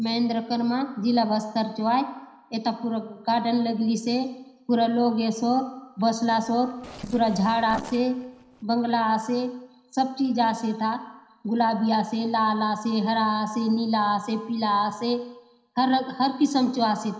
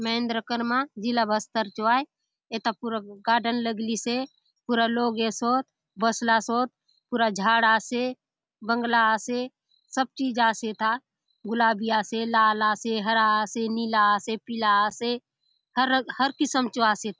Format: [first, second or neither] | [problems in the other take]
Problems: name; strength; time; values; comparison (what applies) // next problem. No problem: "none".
second | noise reduction (neural separator model SepFormer DNS4)